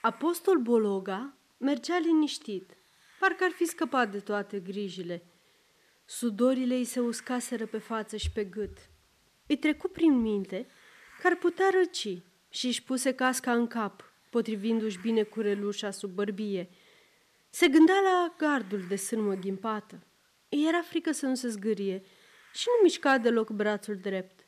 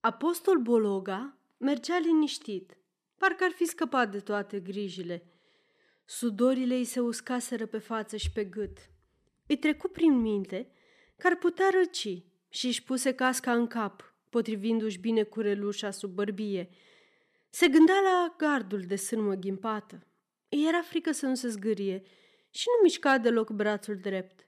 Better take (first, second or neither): second